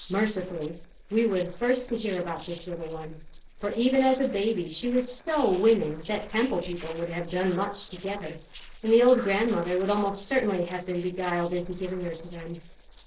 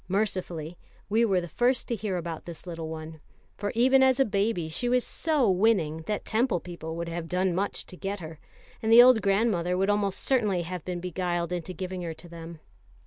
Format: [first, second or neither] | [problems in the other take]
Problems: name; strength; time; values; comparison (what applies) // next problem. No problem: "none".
second | noise reduction (neural separator model SepFormer DNS4)